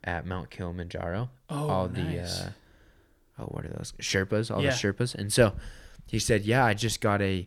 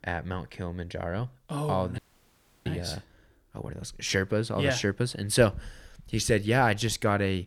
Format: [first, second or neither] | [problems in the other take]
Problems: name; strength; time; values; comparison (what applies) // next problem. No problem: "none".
first | audio freezing; at 2 s for 0.5 s